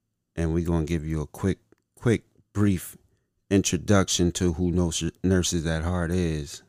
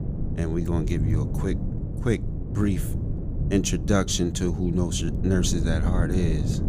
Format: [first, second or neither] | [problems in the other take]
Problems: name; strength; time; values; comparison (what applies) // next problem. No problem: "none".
first | low rumble; loud; throughout; 8 dB below the speech